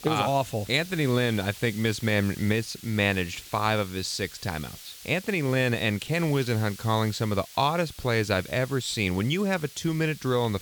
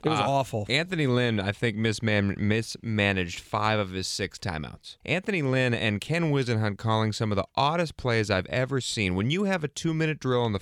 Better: second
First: hiss; noticeable; throughout; 15 dB below the speech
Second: none

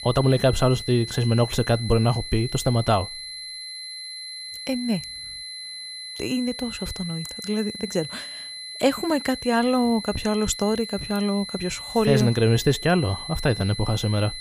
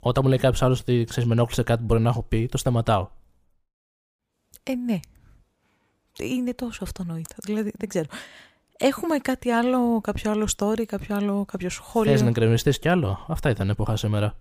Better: second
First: high-pitched whine; loud; throughout; 4 kHz, 10 dB below the speech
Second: none

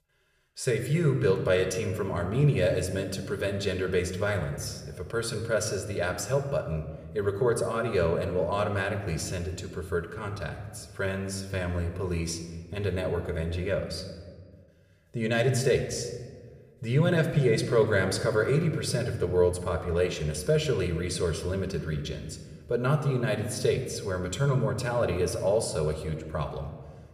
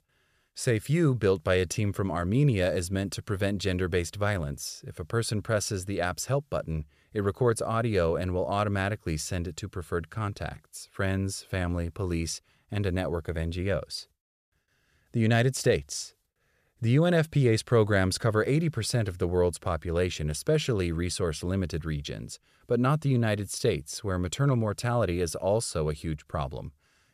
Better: second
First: room echo; slight; dies away in 1.2 s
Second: none

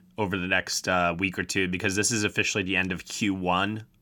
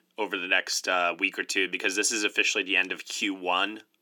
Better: first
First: none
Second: thin; somewhat; fading below 300 Hz

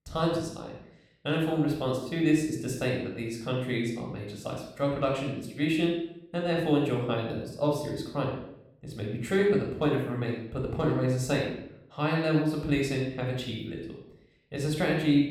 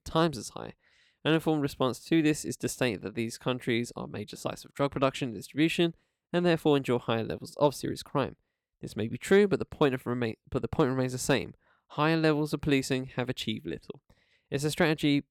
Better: second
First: off-mic speech; somewhat distant // room echo; noticeable; dies away in 0.6 s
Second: none

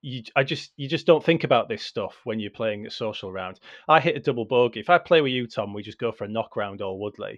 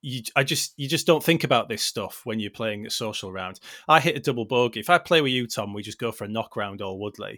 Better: second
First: muffled; slightly; fading above 3.5 kHz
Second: none

